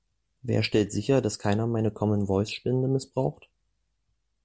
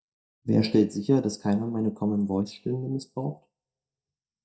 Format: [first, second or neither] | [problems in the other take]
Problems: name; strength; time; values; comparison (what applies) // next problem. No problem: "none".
first | noise reduction (neural mask model DeepFilterNet 3)